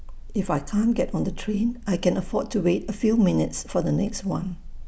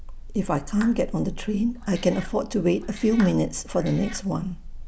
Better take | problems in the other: first | background sound (Clapping + Meow); 20 dB below the speech

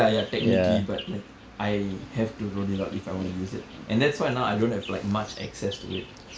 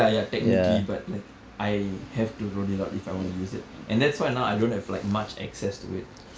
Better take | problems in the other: second | background sound (Bird vocalization, bird call, bird song); 19 dB below the speech

